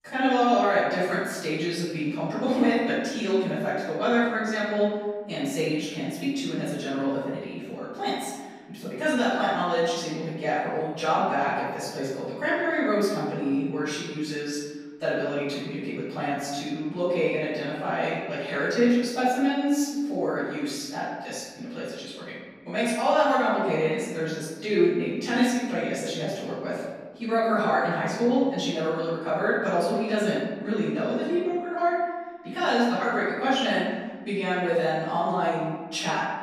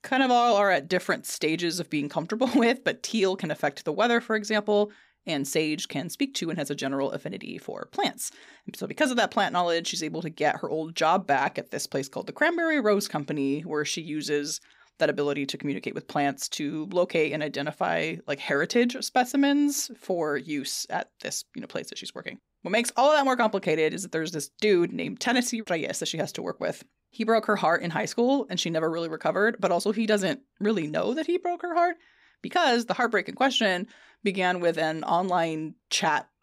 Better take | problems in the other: second | off-mic speech; far // room echo; strong; dies away in 1.4 s

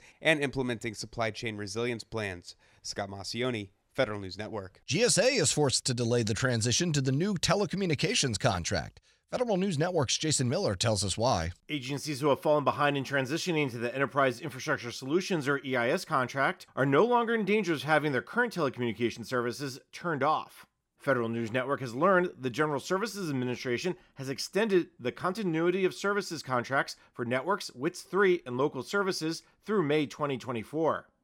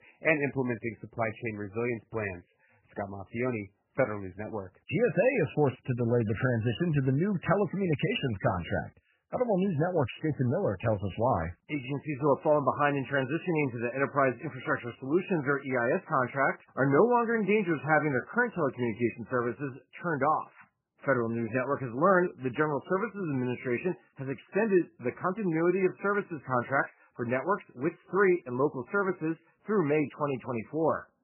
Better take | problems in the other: first | garbled, watery; badly; nothing above 3 kHz

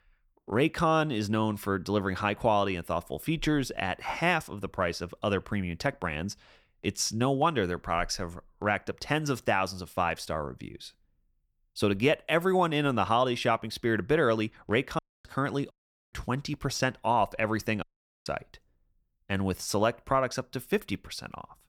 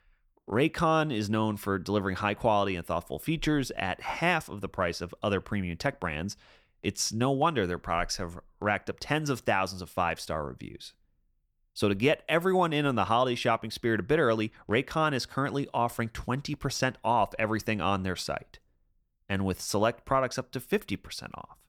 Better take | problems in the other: second | audio cutting out; at 15 s, at 16 s and at 18 s

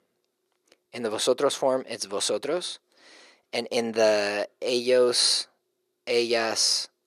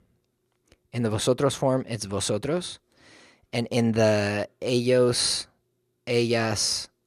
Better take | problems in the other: second | thin; somewhat; fading below 400 Hz

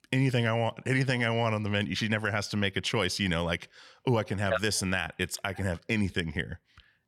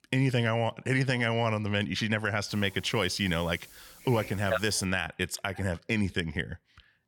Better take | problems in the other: first | hiss; noticeable; from 2.5 to 5 s; 20 dB below the speech

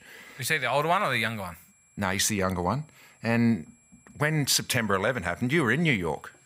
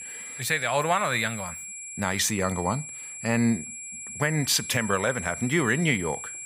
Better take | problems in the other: first | high-pitched whine; loud; throughout; 7.5 kHz, 9 dB below the speech; faint in the first

